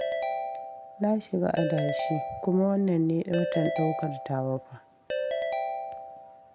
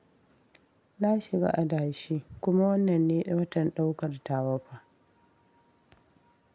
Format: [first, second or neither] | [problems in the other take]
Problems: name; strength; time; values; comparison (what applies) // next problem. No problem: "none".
second | background sound (Ringtone / Keyboard (musical)); 4 dB below the speech